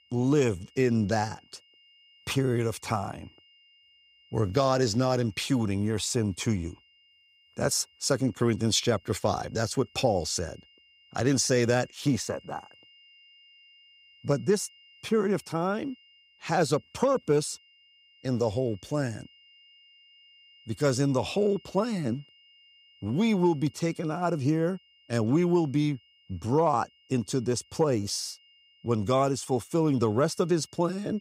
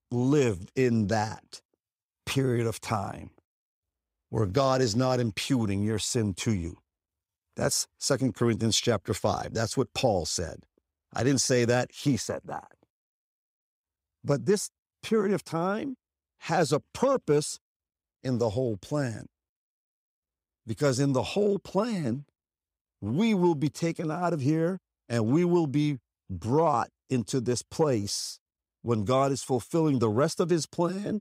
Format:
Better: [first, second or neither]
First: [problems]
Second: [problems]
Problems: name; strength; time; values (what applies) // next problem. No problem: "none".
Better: second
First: high-pitched whine; faint; throughout; 3 kHz, 30 dB below the speech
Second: none